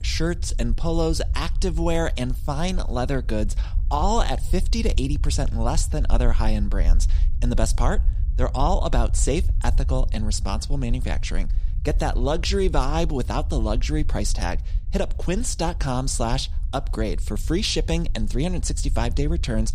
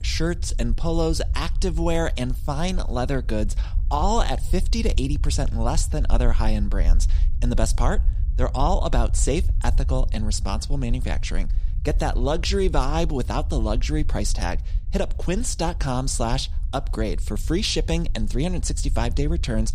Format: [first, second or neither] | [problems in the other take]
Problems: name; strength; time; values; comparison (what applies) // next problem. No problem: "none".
neither | low rumble; faint; throughout; 20 dB below the speech; the same in both